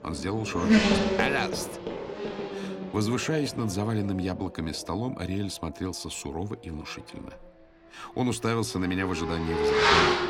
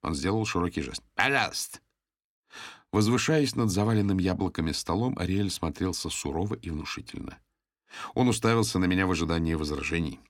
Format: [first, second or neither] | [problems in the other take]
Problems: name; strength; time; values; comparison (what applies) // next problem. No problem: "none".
second | traffic noise; very loud; throughout; 4 dB above the speech